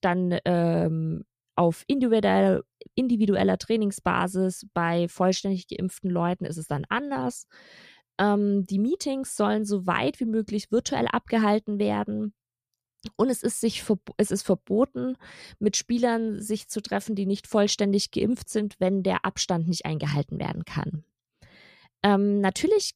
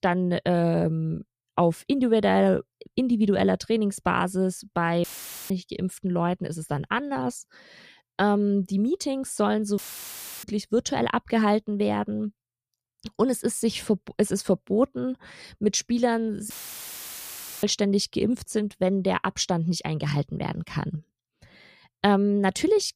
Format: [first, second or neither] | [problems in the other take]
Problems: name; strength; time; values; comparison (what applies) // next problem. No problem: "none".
first | audio cutting out; filled with static; at 5 s, at 10 s for 0.5 s and at 17 s for 1 s